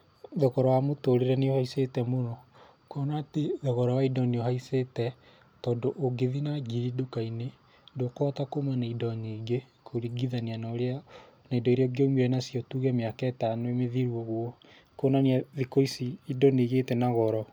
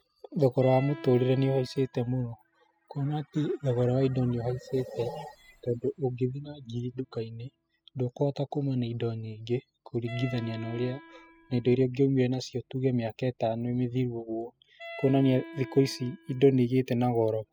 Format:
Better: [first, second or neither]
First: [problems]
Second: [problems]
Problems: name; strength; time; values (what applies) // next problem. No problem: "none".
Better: first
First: none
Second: noise reduction (classical method spectral subtraction)